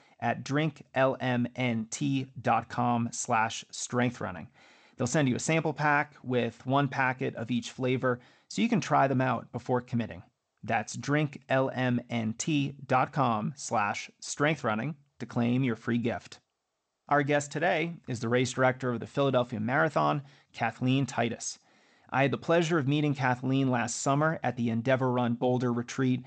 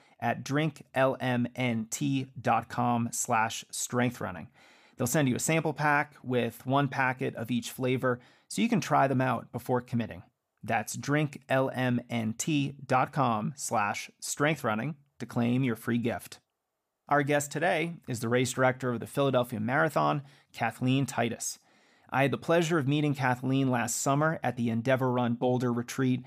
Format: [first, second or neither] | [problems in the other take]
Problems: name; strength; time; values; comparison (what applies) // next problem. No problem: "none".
second | garbled, watery; slightly; nothing above 8 kHz